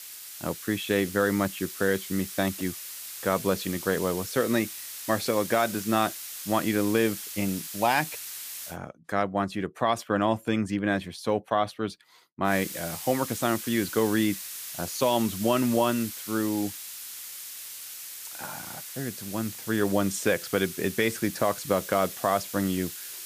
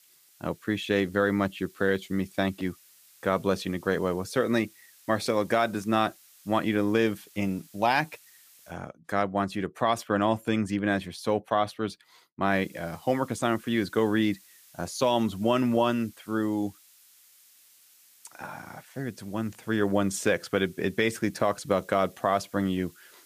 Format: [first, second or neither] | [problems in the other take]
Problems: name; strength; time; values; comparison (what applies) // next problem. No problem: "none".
second | hiss; loud; until 8.5 s and from 13 s on; 9 dB below the speech; faint in the second